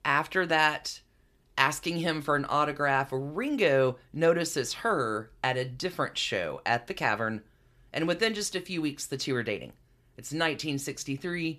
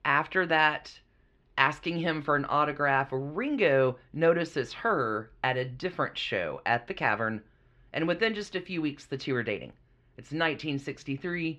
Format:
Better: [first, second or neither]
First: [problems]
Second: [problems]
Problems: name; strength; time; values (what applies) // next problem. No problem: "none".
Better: first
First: none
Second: muffled; slightly; fading above 2.5 kHz